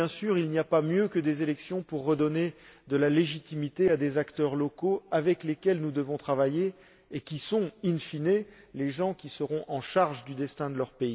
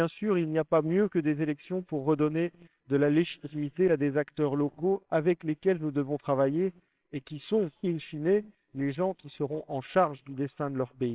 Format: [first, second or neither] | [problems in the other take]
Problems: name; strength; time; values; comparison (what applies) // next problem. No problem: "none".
first | noise reduction (neural separator model SepFormer WHAMR!)